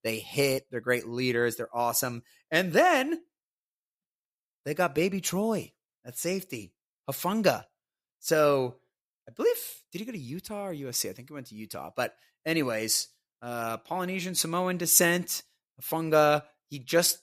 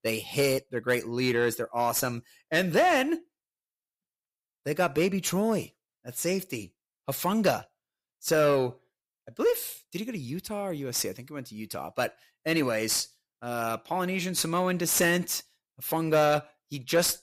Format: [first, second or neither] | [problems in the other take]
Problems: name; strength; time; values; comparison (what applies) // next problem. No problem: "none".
first | distortion; slight; 10 dB below the speech